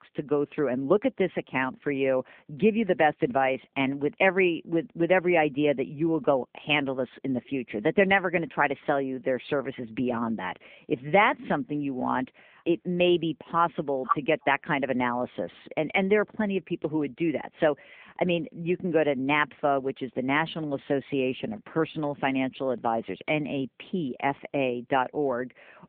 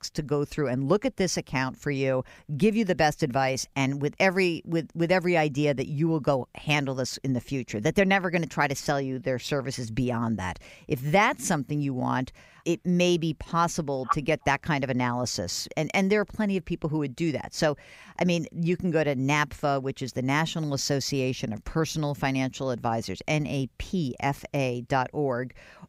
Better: second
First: phone-call audio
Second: none

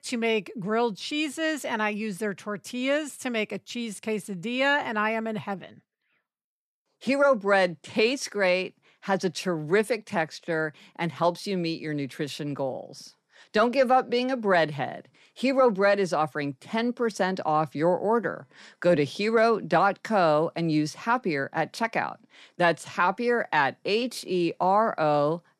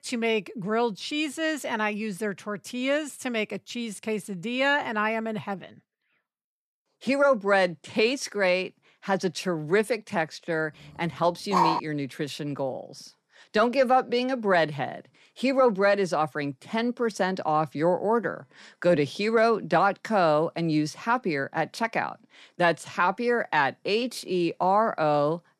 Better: first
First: none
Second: dog barking; loud; at 12 s; peak 2 dB above the speech

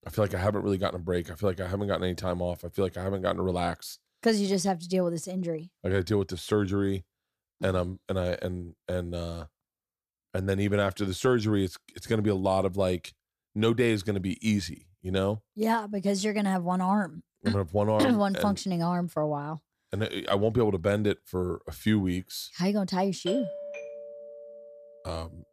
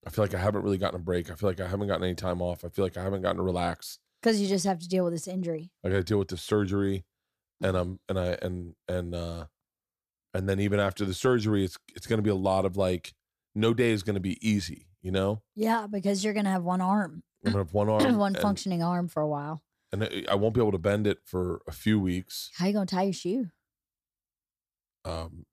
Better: second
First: doorbell; noticeable; from 23 to 25 s; peak 5 dB below the speech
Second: none

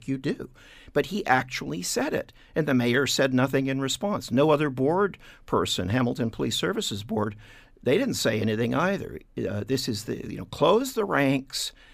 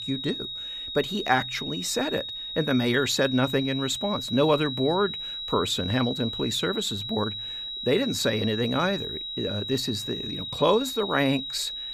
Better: first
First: none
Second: high-pitched whine; loud; throughout; 4 kHz, 5 dB below the speech

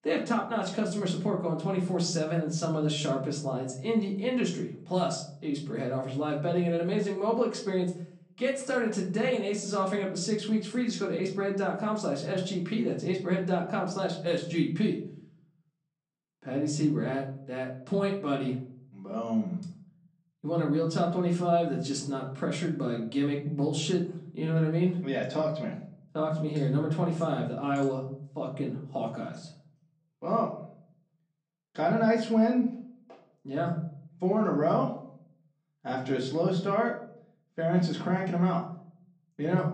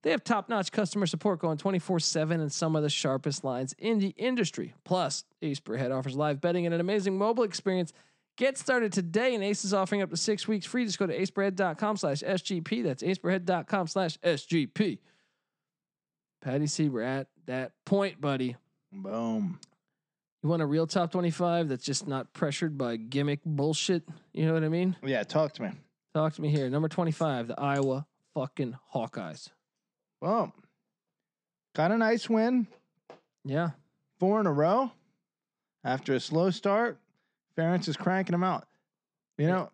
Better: second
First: off-mic speech; far // room echo; slight; dies away in 0.6 s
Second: none

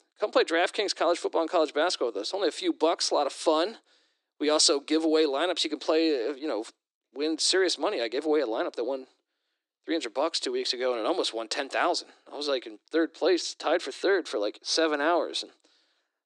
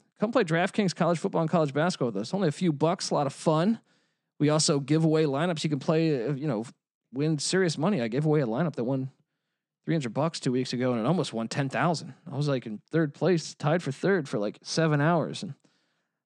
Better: second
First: thin; very; fading below 300 Hz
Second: none

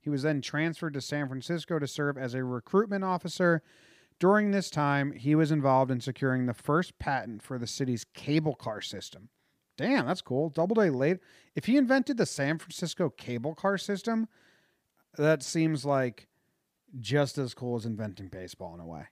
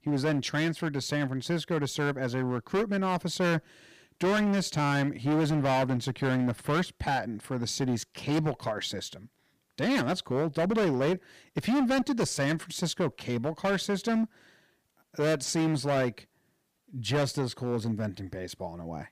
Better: first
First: none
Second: distortion; heavy; 13% of the sound clipped

